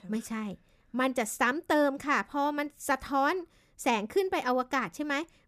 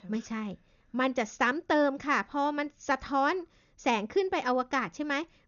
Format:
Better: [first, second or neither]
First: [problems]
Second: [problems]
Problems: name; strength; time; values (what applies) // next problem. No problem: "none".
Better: first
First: none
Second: garbled, watery; slightly; nothing above 6.5 kHz